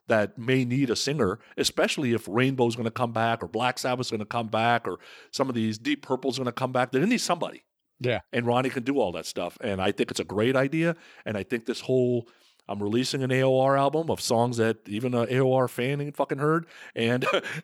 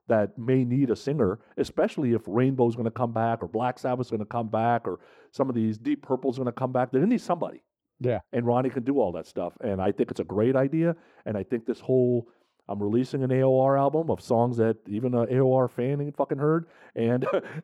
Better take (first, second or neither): first